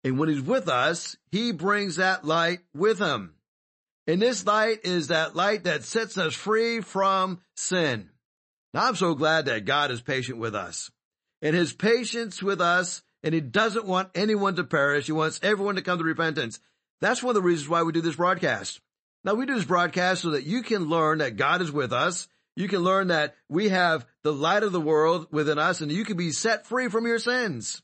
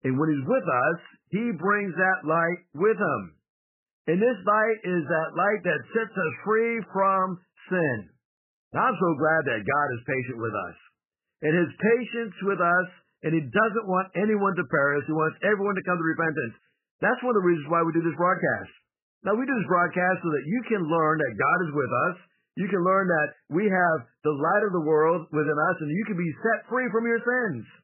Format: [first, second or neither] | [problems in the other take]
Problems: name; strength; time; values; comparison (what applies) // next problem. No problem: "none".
first | garbled, watery; badly; nothing above 3 kHz; slightly in the first